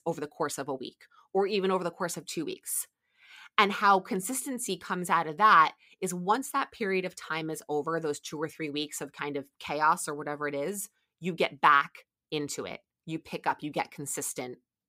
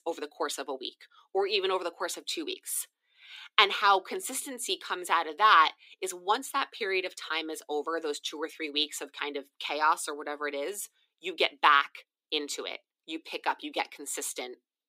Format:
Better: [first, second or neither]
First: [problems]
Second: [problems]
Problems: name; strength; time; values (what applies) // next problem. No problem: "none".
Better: first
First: none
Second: thin; somewhat; fading below 300 Hz